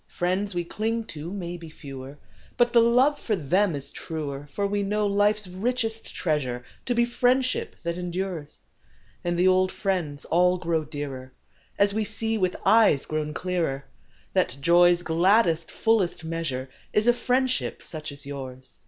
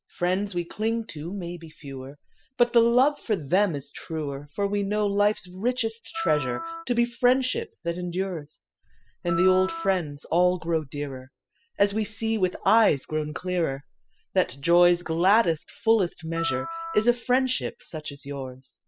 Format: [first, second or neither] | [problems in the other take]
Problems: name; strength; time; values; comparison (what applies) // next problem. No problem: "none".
first | noise reduction (classical method spectral subtraction)